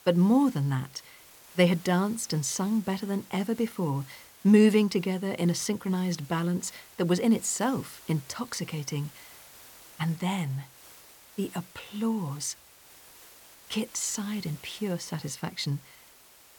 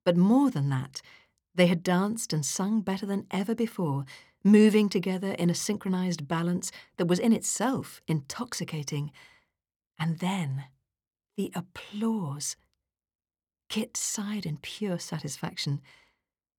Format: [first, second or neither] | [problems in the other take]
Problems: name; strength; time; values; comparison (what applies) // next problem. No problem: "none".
second | hiss; faint; throughout; 20 dB below the speech